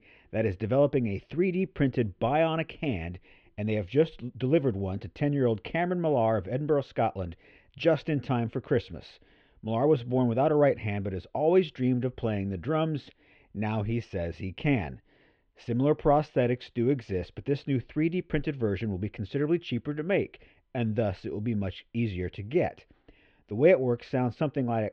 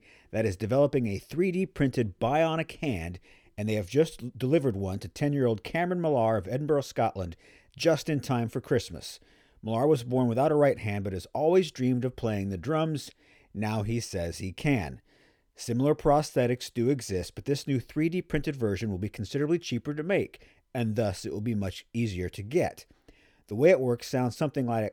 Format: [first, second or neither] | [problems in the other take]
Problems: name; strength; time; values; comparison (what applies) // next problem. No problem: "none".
second | muffled; slightly; fading above 3 kHz